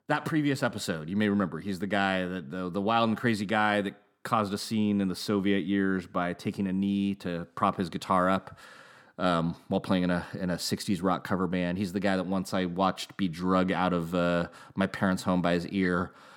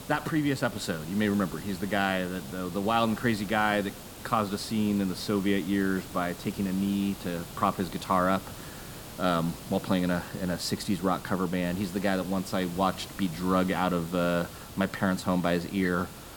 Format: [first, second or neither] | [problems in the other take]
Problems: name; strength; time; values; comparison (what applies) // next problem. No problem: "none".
first | hiss; noticeable; throughout; 15 dB below the speech